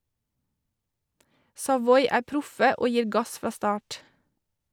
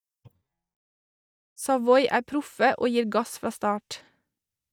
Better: first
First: none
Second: noise reduction (neural mask model DeepFilterNet 3)

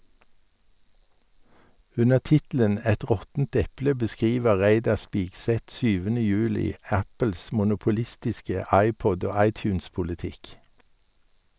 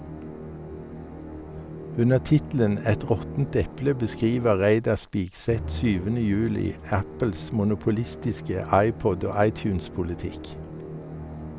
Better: first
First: none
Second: background sound (Musical instrument); 11 dB below the speech

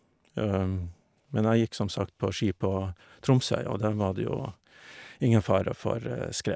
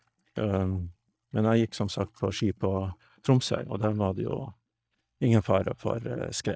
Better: first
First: none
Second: noise reduction (neural mask model DeepFilterNet 3)

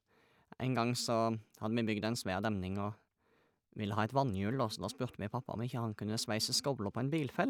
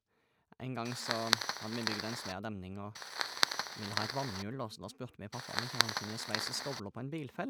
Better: first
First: none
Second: background sound (Fire); 4 dB above the speech

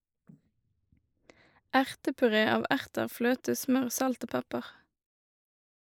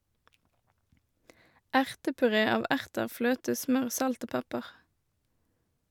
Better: second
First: noise reduction (neural mask model Resemble Enhance denoiser)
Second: none

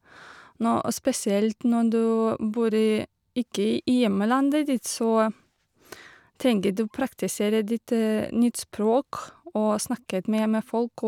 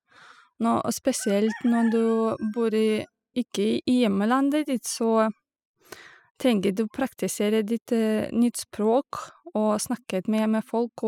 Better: first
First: none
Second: noise reduction (classical method spectral subtraction)

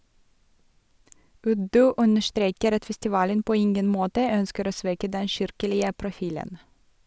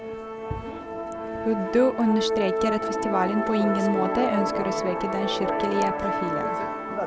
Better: first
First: none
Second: background sound (Musical instrument); 1 dB below the speech

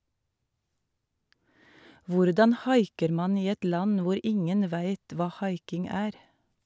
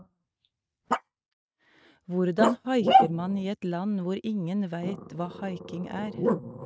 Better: first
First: none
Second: noise reduction (neural mask model RNNoise)

